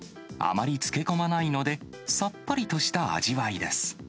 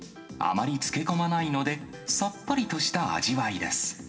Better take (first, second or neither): first